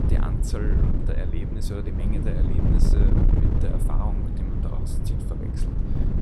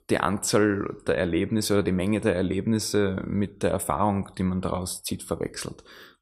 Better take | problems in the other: second | wind noise on the microphone; heavy; 3 dB above the speech

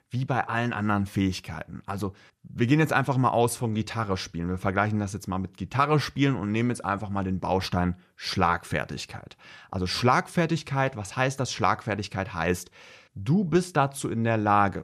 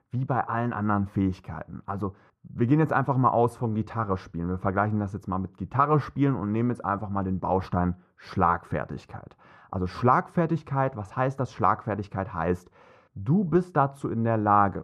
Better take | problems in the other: first | muffled; very; fading above 2 kHz

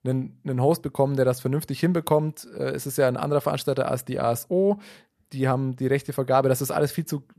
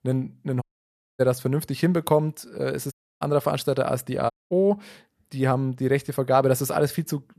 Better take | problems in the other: first | audio cutting out; at 0.5 s for 0.5 s, at 3 s and at 4.5 s

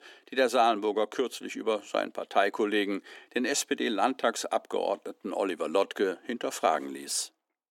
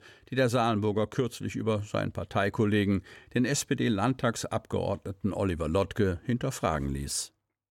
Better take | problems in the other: second | thin; somewhat; fading below 300 Hz

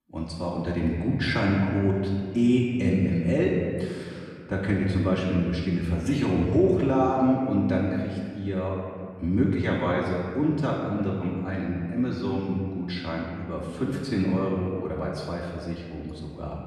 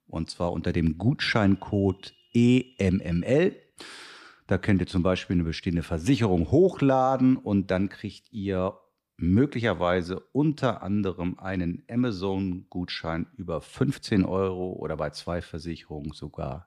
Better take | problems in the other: second | room echo; noticeable; dies away in 1.9 s // off-mic speech; far

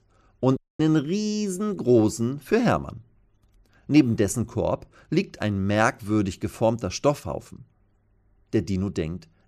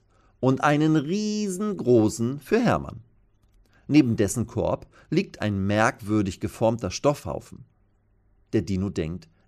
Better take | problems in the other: second | audio cutting out; at 0.5 s

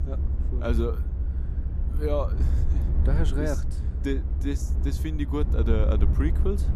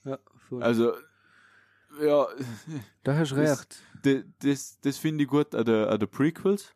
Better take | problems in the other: second | low rumble; loud; throughout; 10 dB below the speech

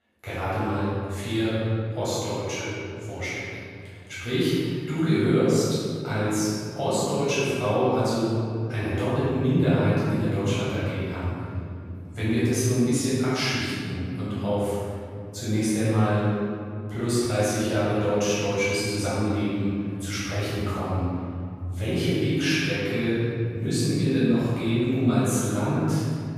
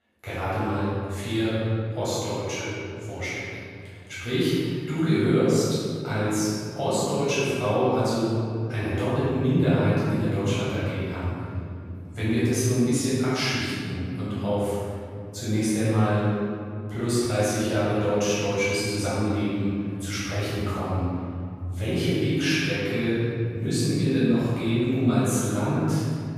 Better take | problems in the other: neither | off-mic speech; far; the same in both // room echo; strong; dies away in 2.7 s; the same in both

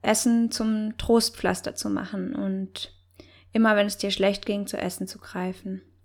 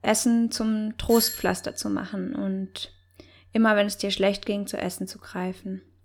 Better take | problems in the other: first | doorbell; noticeable; at 1 s; peak 3 dB below the speech

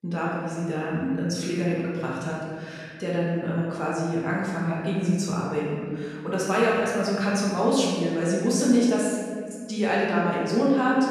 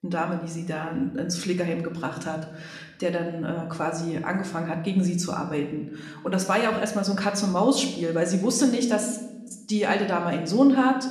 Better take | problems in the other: second | room echo; strong; dies away in 1.8 s; slight in the second // off-mic speech; far

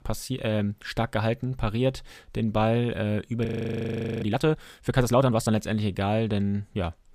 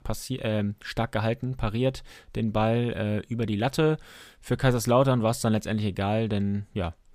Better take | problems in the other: second | audio freezing; at 3.5 s for 1 s

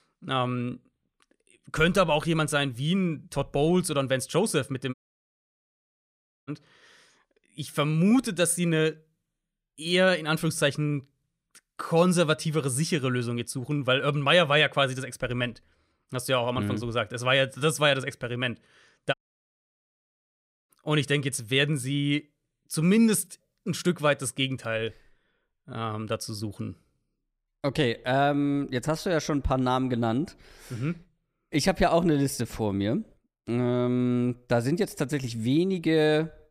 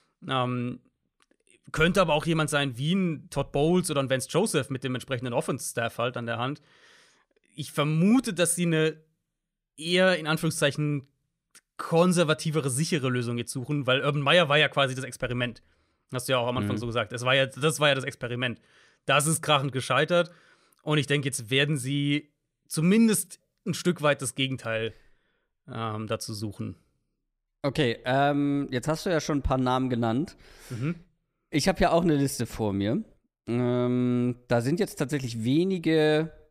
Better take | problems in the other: second | audio cutting out; at 5 s for 1.5 s and at 19 s for 1.5 s

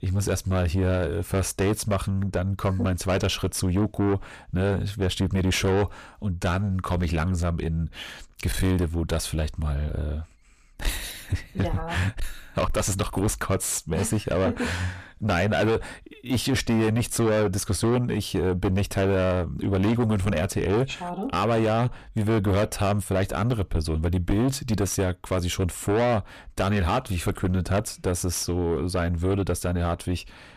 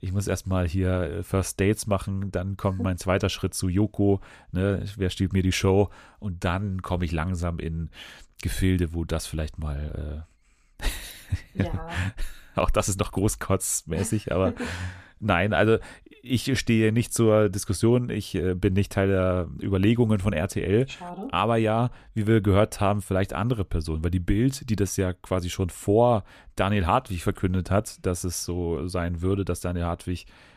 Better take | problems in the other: second | distortion; heavy; 6 dB below the speech

